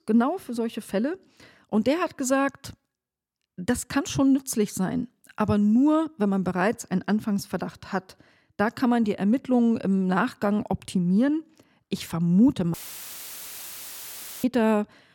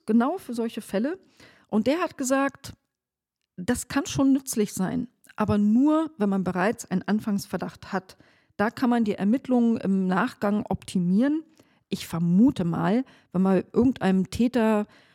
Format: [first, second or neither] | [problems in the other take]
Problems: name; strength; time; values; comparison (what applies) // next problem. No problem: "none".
second | audio cutting out; filled with static; at 13 s for 1.5 s